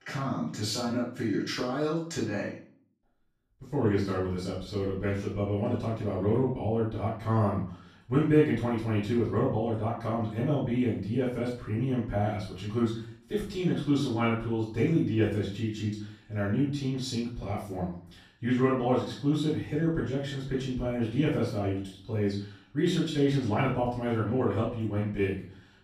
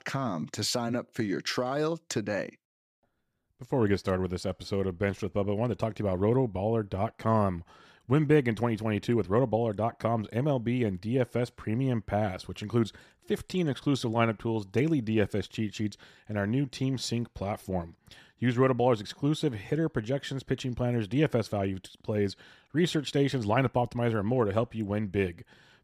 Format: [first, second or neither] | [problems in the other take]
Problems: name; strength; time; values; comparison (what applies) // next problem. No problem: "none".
second | off-mic speech; far // room echo; noticeable; dies away in 0.4 s